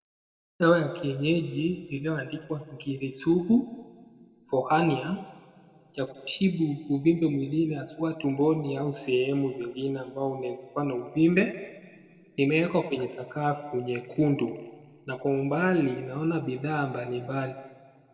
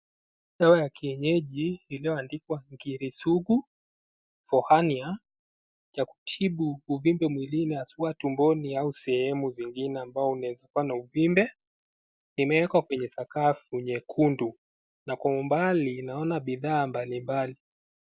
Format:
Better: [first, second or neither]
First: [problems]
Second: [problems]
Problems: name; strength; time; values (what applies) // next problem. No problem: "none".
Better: second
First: room echo; dies away in 1.7 s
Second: none